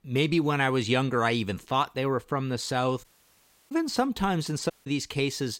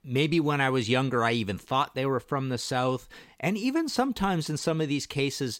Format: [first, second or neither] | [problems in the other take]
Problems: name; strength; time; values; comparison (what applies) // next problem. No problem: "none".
second | audio cutting out; at 3 s for 0.5 s and at 4.5 s